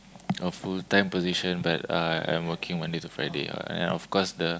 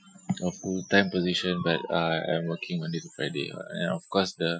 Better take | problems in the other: first | noise reduction (classical method Wiener filter)

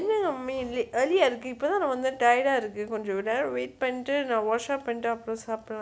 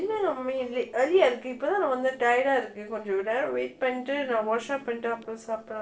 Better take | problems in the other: first | noise reduction (neural separator model SepFormer DNS4)

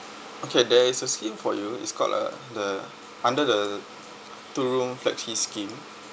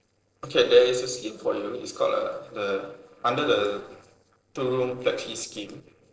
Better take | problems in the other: first | noise reduction (neural separator model SepFormer DNS4)

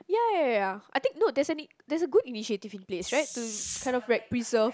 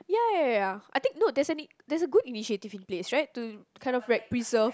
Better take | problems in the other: second | background sound (Hiss); 11 dB below the speech

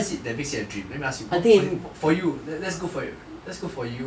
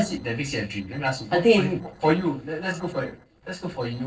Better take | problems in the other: first | noise reduction (neural separator model SepFormer DNS4)

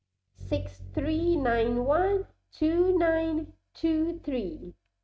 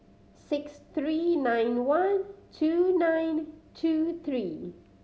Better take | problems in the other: second | noise reduction (neural mask model RNNoise)

